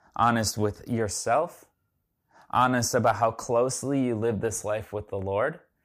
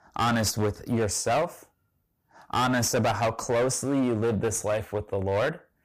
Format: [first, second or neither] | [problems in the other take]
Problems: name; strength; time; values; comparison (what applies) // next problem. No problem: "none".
first | distortion; heavy; 15% of the sound clipped